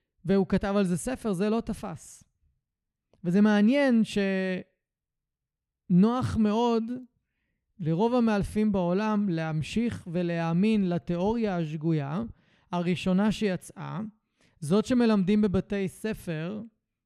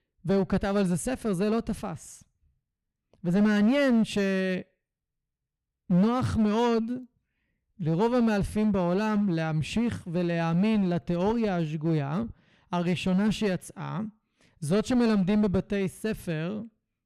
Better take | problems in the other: first | distortion; slight; 8% of the sound clipped

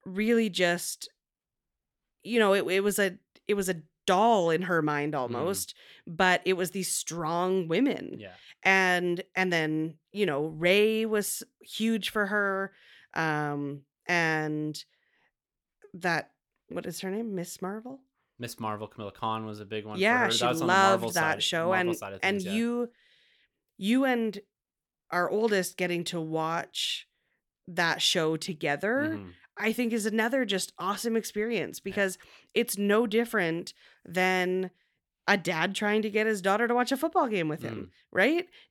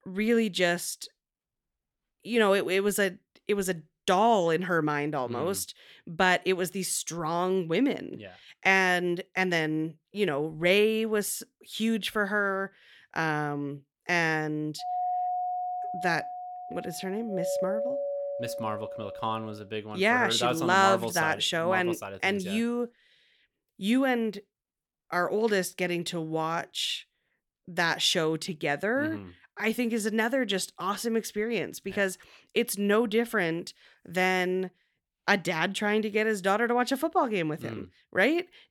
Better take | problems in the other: first | doorbell; noticeable; from 15 to 20 s; peak 2 dB below the speech

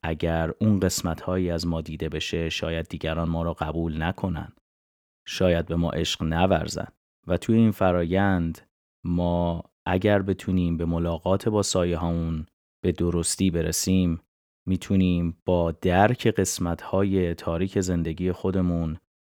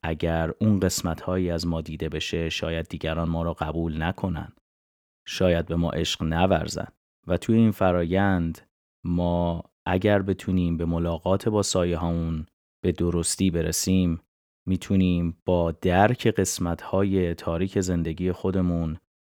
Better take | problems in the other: neither | none

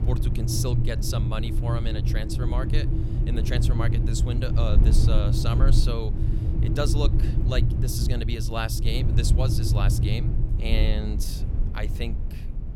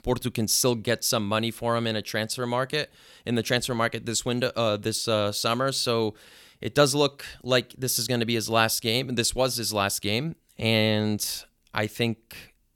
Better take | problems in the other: second | low rumble; loud; throughout; 4 dB below the speech

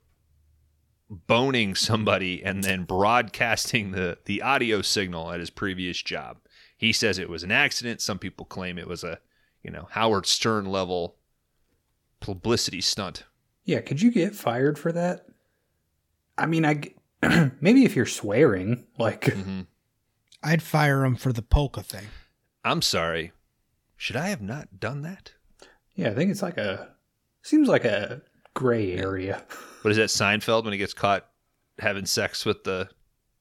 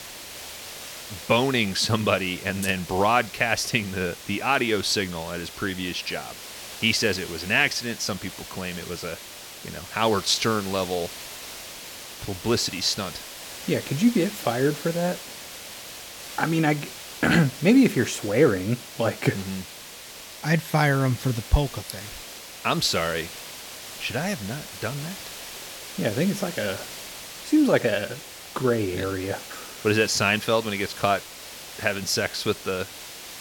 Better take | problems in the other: first | hiss; noticeable; throughout; 15 dB below the speech

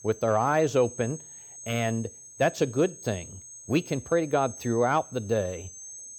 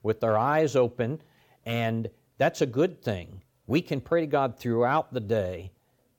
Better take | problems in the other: second | high-pitched whine; noticeable; throughout; 6.5 kHz, 15 dB below the speech

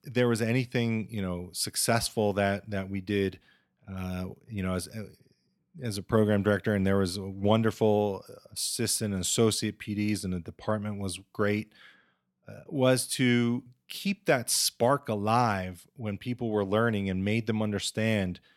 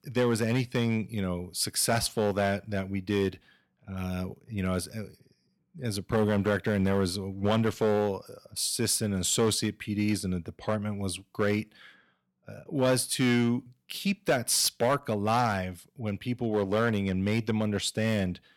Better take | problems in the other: first | distortion; slight; 3% of the sound clipped

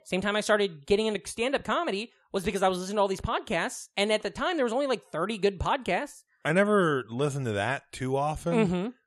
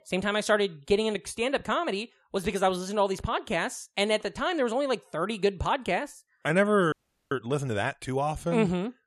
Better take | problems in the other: first | audio freezing; at 7 s

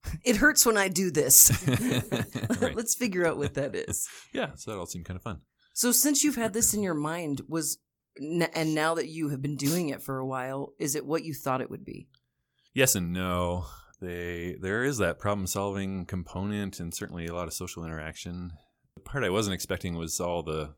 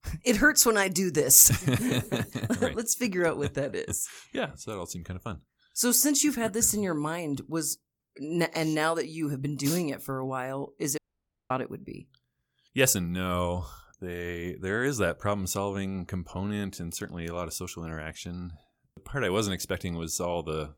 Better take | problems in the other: first | audio cutting out; at 11 s for 0.5 s

